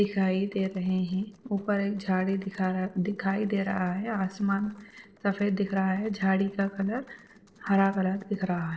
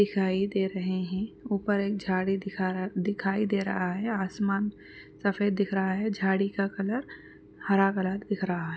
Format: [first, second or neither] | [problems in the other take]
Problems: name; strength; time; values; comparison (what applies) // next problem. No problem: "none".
second | noise reduction (neural separator model SepFormer DNS4)